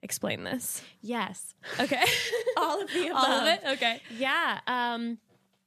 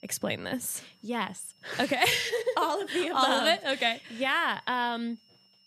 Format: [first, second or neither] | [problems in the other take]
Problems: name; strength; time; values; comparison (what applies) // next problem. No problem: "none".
first | high-pitched whine; faint; throughout; 5.5 kHz, 30 dB below the speech